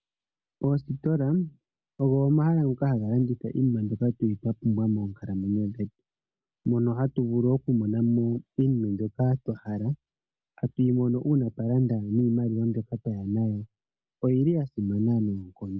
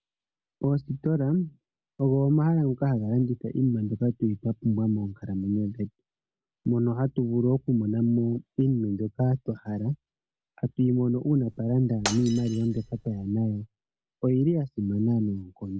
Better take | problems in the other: first | background sound (Shatter); 12 dB below the speech

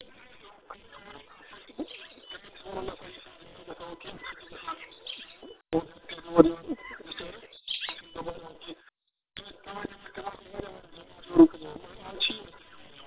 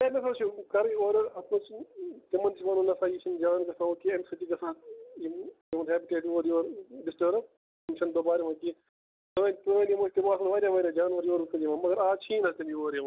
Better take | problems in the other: second | noise reduction (neural separator model SepFormer WHAM!)

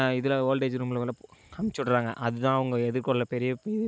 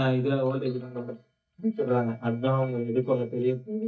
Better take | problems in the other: first | noise reduction (neural mask model DeepFilterNet 3)

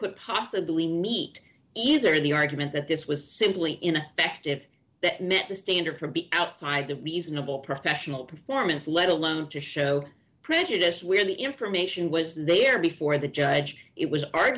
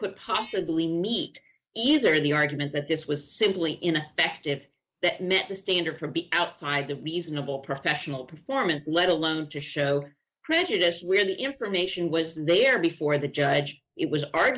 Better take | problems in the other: first | noise reduction (neural mask model Resemble Enhance denoiser)

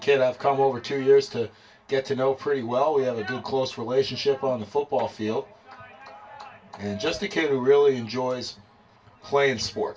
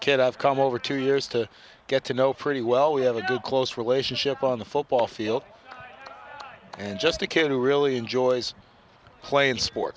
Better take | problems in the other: second | room echo; dies away in 0.2 s

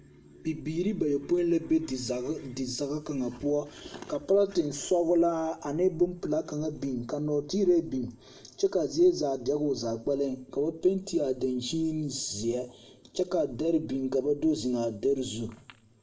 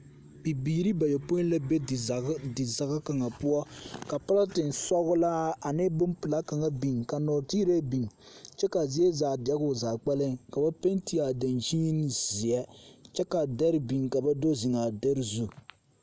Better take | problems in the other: second | room echo; dies away in 0.4 s

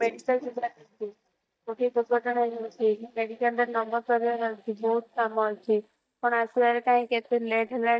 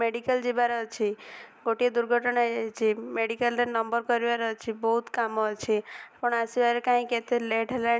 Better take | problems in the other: second | noise reduction (neural mask model DeepFilterNet 3)

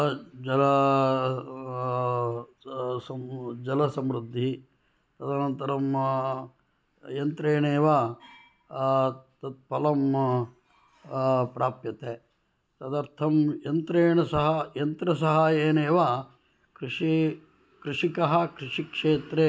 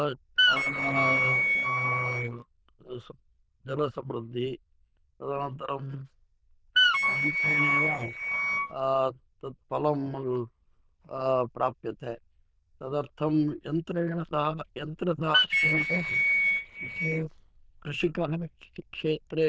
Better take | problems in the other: first | noise reduction (neural diffusion model UNIVERSE++)

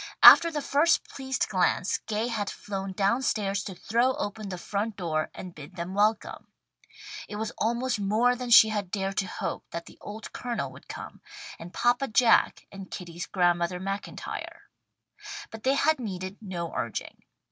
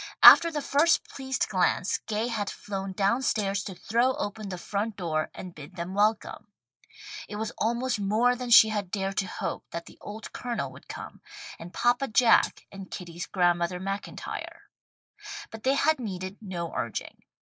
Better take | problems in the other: first | noise reduction (neural mask model Resemble Enhance denoiser)

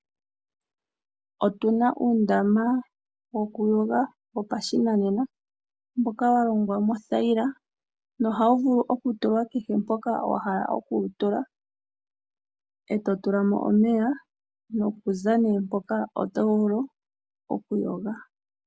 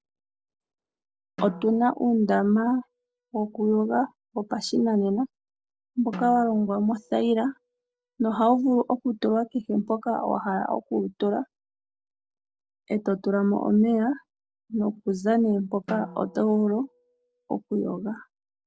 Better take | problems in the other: first | noise reduction (neural separator model SepFormer DNS4)

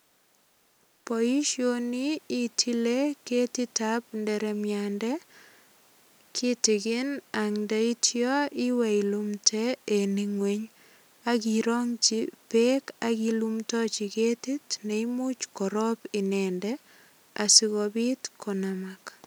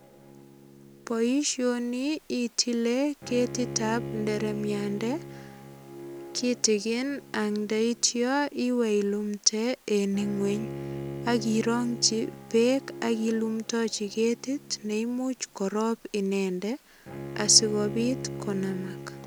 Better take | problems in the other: first | background sound (Bowed string instrument); 12 dB below the speech

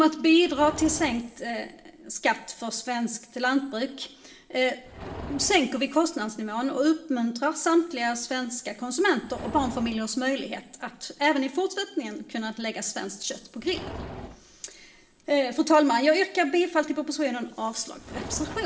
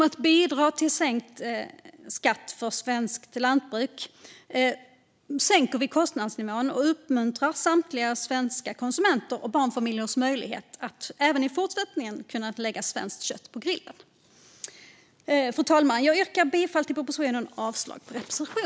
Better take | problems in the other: second | background sound (Livestock, farm animals, working animals); 18 dB below the speech // room echo; dies away in 0.8 s

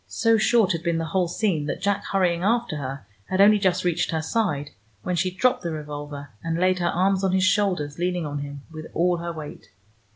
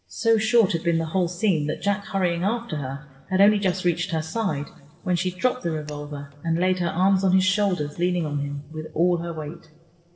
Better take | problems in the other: first | noise reduction (neural separator model SepFormer DNS4)

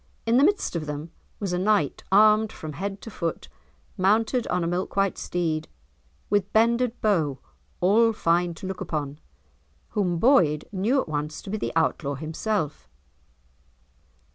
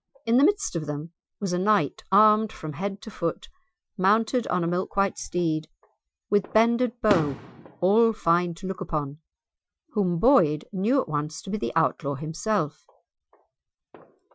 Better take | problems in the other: first | noise reduction (classical method Wiener filter)

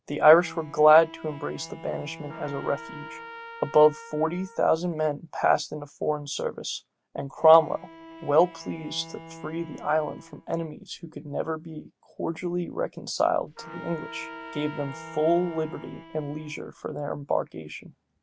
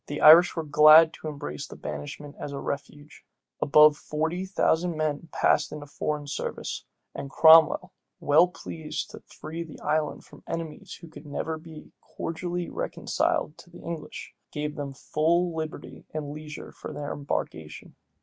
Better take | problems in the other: second | background sound (Bowed string instrument + Trumpet); 17 dB below the speech

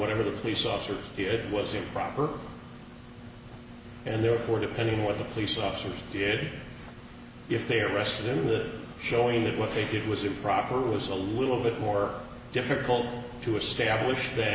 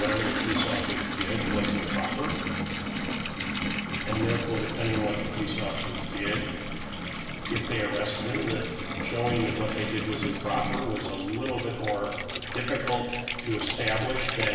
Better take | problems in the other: first | background sound (Bathtub (filling or washing) / Water tap, faucet); 1 dB below the speech // room echo; dies away in 2.7 s

